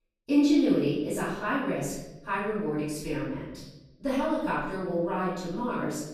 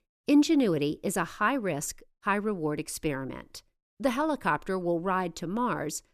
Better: second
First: room echo; noticeable; dies away in 1 s // off-mic speech; far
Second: none

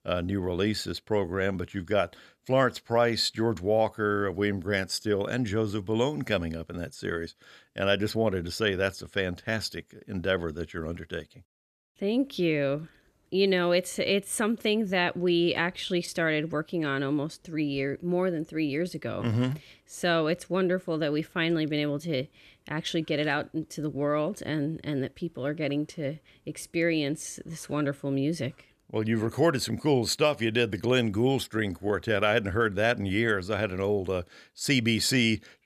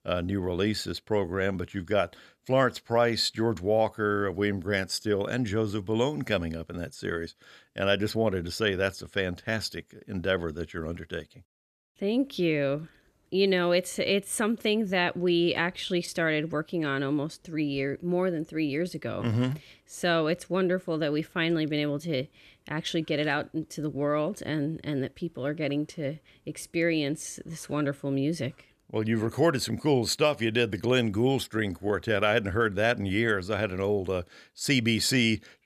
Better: neither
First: none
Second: none

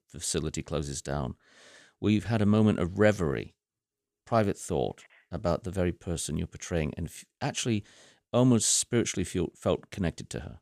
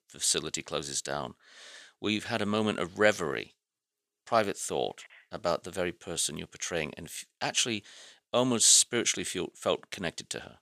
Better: first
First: none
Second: thin; somewhat; fading below 850 Hz

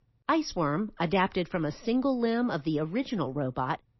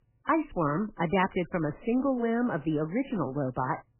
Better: first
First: garbled, watery; slightly; nothing above 5.5 kHz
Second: garbled, watery; badly; nothing above 3 kHz

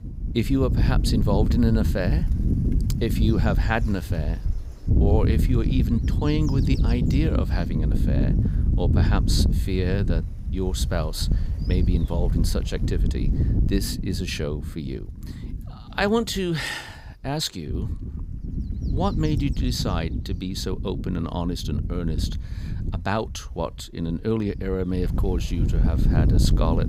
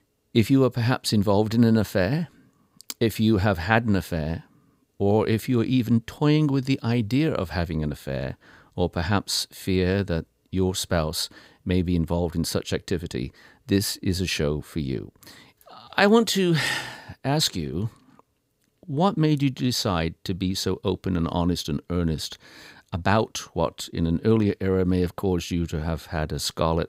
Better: second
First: wind noise on the microphone; heavy; 7 dB below the speech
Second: none

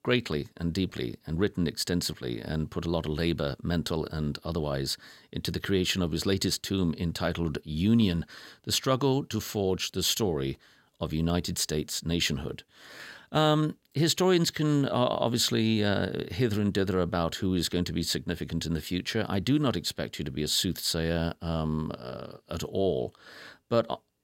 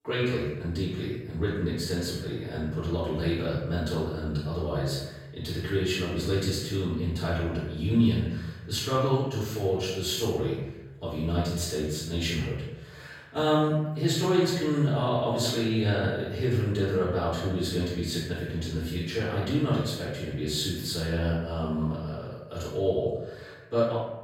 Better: first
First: none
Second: room echo; strong; dies away in 1 s // off-mic speech; far

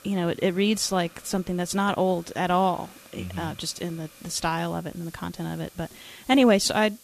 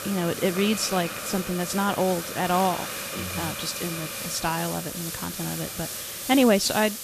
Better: first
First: hiss; faint; throughout; 25 dB below the speech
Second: hiss; loud; throughout; 6 dB below the speech

